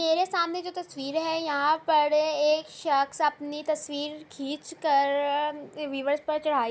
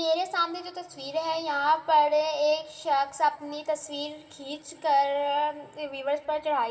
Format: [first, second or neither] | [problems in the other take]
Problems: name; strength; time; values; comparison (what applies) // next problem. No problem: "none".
first | room echo; dies away in 2.1 s